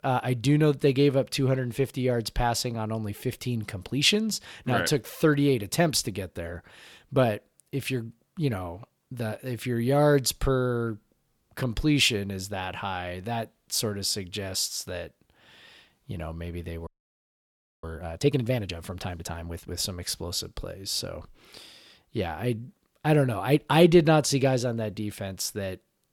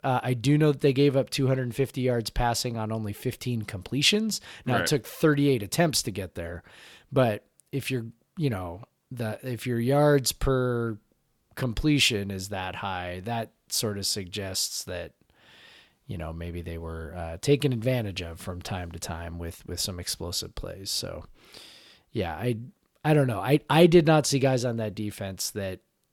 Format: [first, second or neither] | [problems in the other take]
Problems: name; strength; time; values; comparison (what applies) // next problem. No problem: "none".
second | audio freezing; at 17 s for 1 s